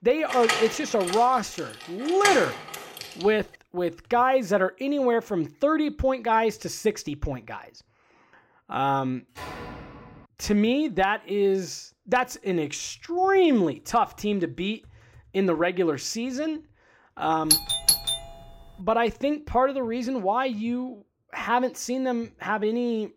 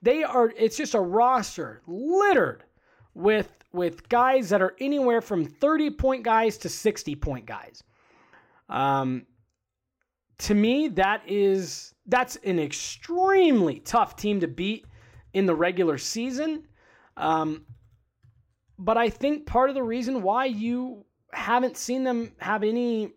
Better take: second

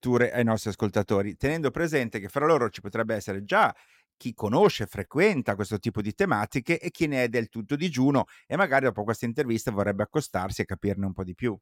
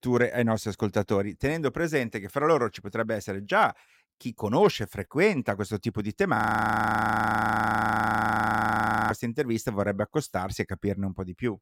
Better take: first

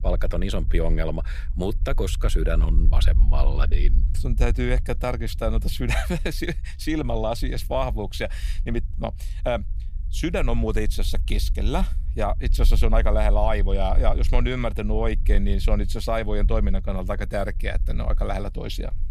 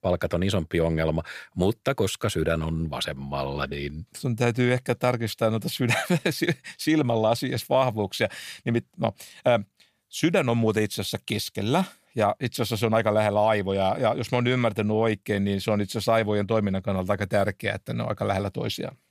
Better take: second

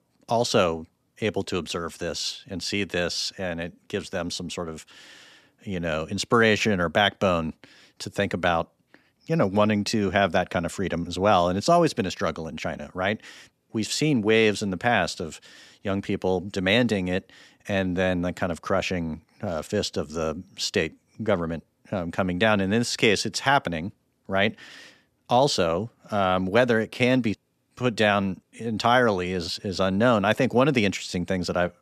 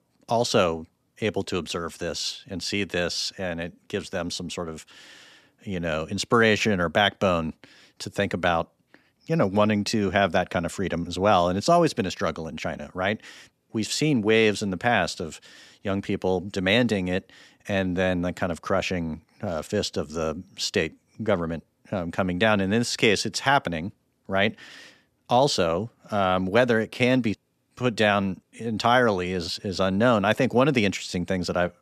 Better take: neither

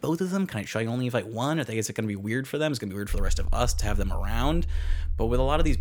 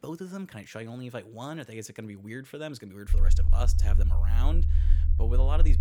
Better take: first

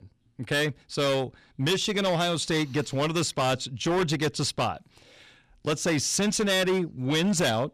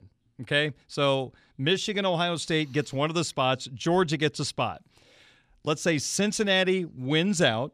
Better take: second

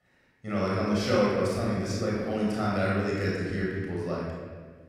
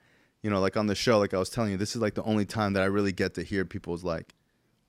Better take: second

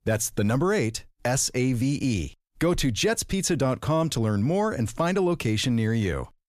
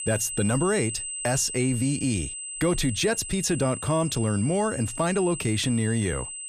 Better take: first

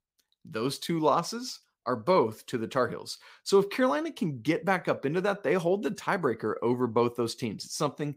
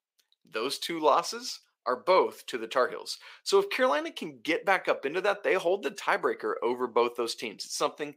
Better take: first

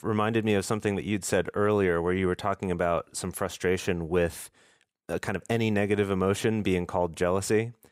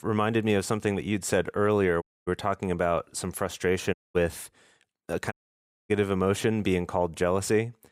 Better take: first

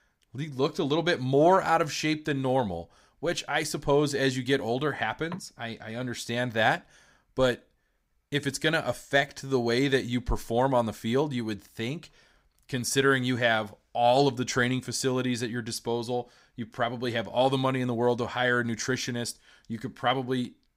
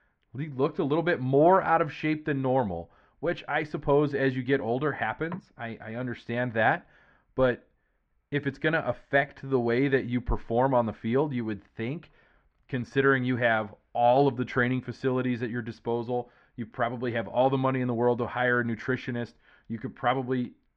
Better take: first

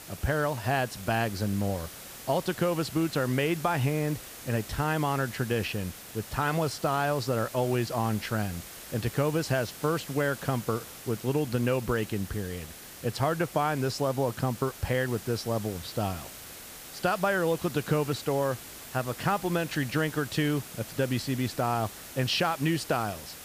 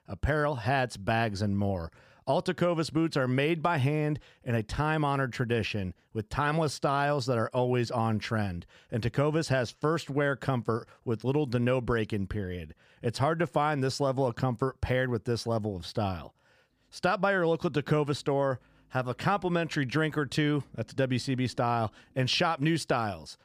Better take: second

